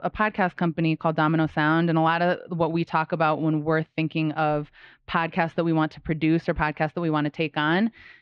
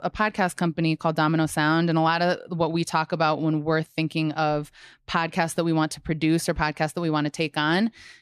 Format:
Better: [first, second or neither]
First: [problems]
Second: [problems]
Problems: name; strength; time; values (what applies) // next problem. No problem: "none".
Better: second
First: muffled; slightly; fading above 3 kHz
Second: none